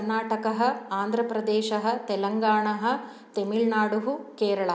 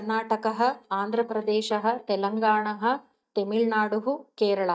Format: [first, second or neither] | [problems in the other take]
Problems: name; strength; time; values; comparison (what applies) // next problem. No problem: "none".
first | noise reduction (neural mask model DeepFilterNet 3)